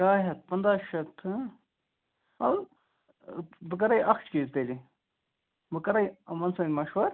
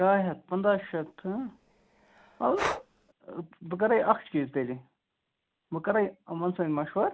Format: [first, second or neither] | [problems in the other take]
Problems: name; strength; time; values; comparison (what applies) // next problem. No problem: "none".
first | background sound (Breathing); 9 dB below the speech